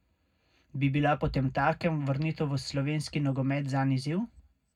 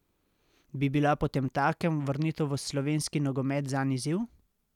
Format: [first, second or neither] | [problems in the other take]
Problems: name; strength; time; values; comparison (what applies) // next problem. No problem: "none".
second | room echo; dies away in 0.3 s